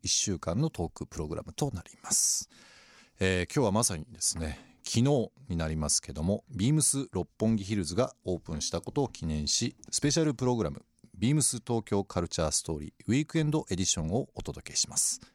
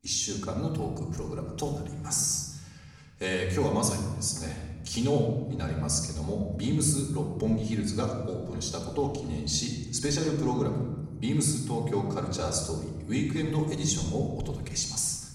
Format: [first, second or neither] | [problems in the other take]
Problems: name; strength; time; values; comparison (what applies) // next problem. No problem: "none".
first | room echo; noticeable; dies away in 1.7 s // off-mic speech; far